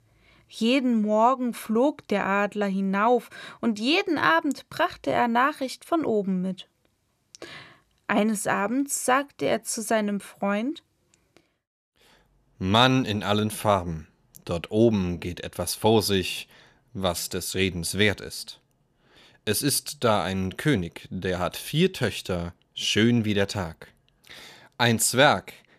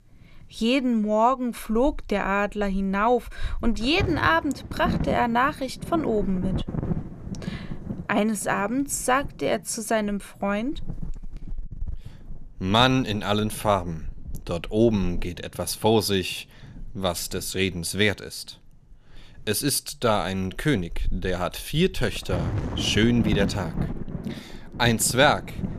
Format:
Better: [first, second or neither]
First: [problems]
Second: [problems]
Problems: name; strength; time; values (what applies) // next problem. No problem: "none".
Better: first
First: none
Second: wind noise on the microphone; occasional gusts; 15 dB below the speech